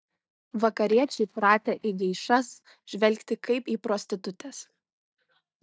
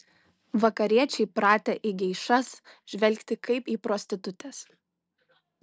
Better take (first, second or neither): second